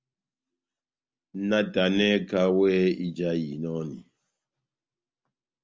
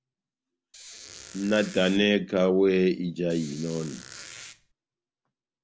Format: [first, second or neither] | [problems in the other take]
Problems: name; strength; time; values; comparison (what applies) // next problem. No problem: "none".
first | background sound (Squeak); 17 dB below the speech